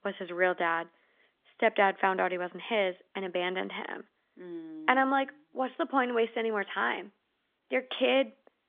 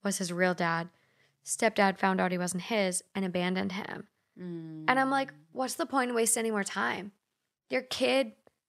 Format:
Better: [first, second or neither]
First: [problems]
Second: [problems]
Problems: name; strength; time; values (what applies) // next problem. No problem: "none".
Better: second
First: phone-call audio; nothing above 3.5 kHz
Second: none